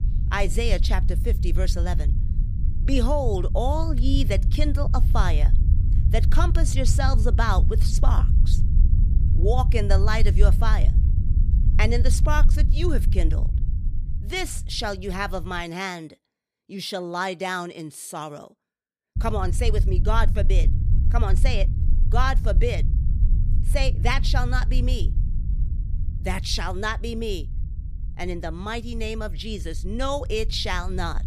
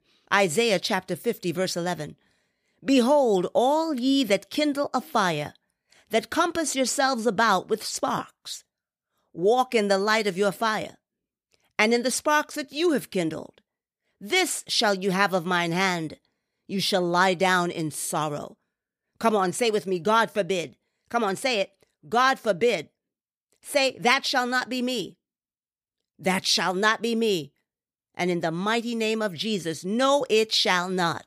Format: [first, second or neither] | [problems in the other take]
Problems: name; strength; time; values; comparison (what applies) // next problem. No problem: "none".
second | low rumble; noticeable; until 16 s and from 19 s on; 15 dB below the speech